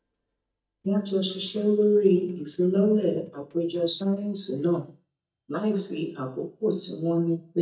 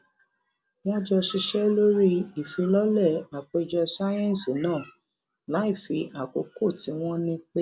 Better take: second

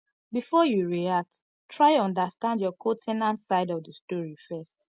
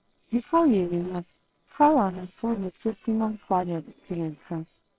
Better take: first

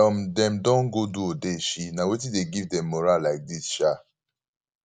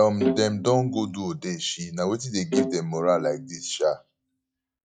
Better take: first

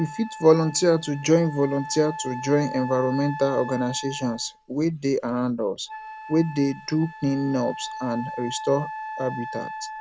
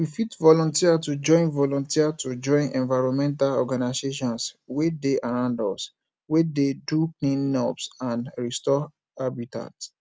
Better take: second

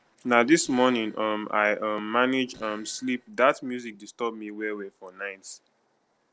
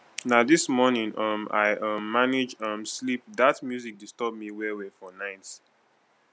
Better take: second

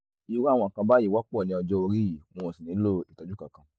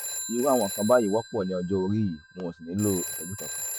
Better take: first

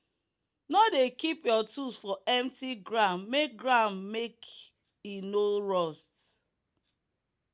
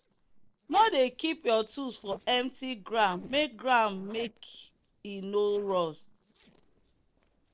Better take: first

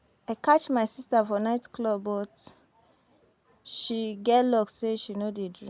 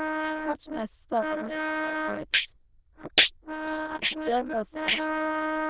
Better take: first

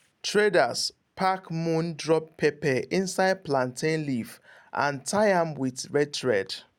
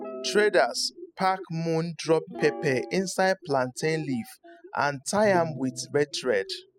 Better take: first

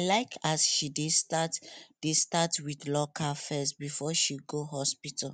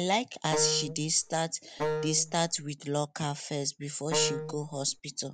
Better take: first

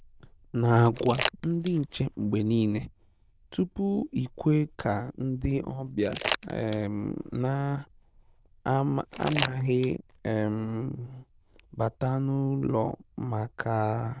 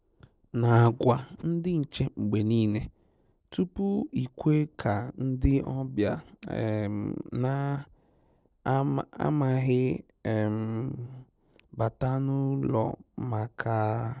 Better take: second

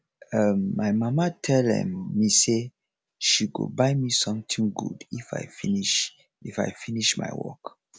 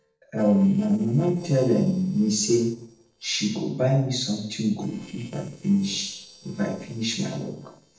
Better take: first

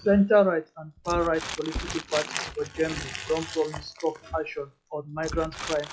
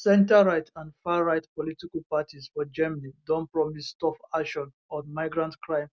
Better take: second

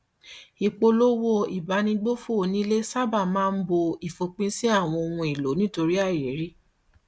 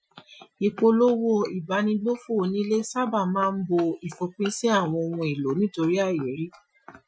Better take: first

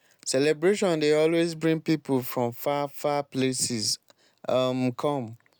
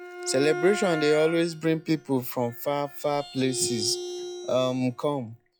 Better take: first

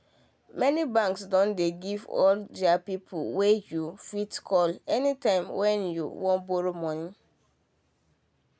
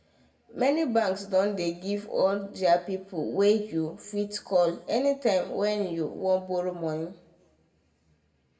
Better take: first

